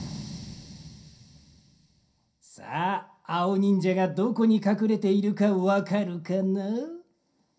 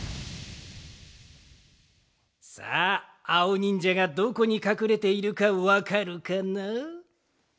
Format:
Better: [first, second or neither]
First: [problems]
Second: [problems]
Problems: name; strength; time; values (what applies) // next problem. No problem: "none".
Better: second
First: room echo; dies away in 0.3 s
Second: none